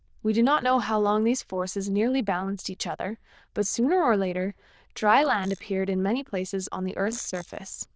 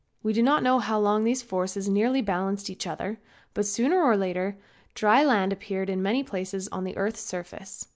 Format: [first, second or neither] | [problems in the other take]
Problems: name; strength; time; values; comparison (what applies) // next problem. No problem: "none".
second | noise reduction (neural diffusion model UNIVERSE++)